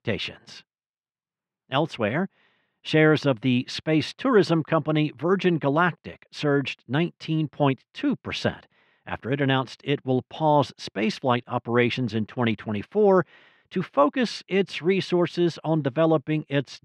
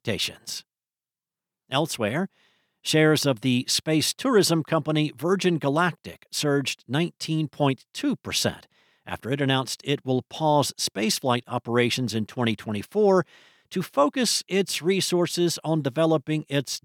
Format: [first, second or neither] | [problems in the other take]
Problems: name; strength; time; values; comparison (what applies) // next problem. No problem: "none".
second | muffled; slightly; fading above 2.5 kHz